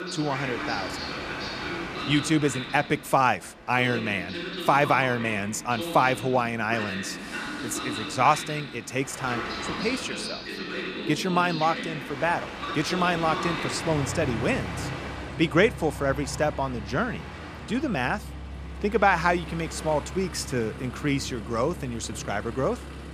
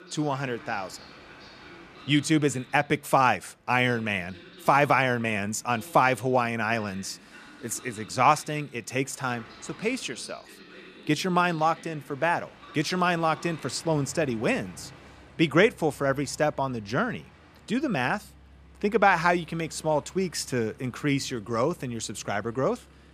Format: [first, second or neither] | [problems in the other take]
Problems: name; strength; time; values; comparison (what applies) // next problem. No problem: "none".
second | train or aircraft noise; loud; throughout; 8 dB below the speech; faint in the second